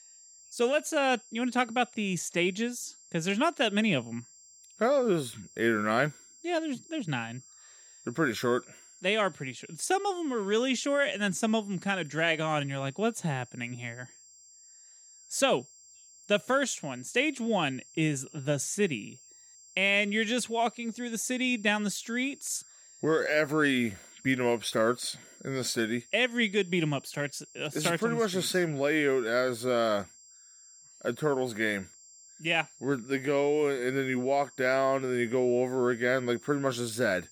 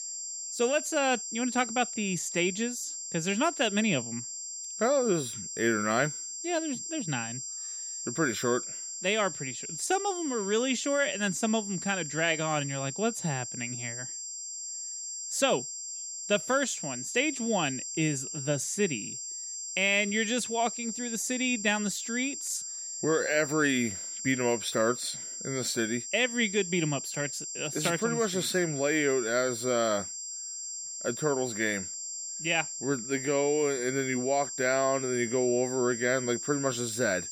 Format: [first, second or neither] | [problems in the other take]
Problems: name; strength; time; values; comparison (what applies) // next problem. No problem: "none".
first | high-pitched whine; loud; throughout; 7.5 kHz, 6 dB below the speech; faint in the first